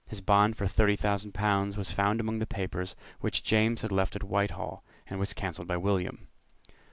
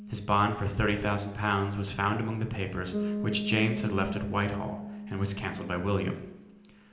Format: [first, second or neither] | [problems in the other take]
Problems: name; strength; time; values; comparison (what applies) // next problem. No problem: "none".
first | background sound (Bass guitar); 8 dB below the speech // room echo; dies away in 0.8 s